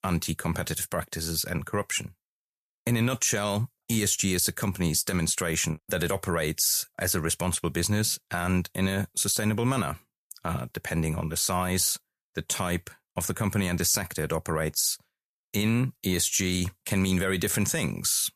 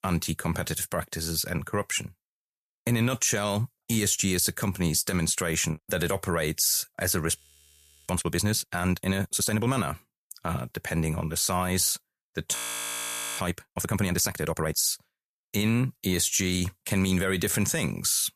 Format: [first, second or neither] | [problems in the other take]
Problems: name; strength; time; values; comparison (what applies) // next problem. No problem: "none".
first | audio freezing; at 7.5 s for 0.5 s and at 13 s for 1 s